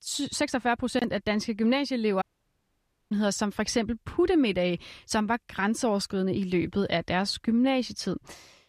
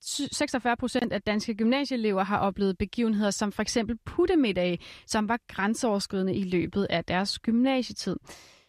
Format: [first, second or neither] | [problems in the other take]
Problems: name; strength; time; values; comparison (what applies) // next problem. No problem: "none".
second | audio cutting out; at 2 s for 1 s